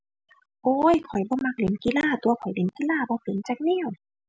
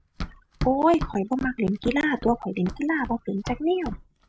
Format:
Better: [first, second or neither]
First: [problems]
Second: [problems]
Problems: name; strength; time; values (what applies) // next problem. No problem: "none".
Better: first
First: none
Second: background sound (Run); 11 dB below the speech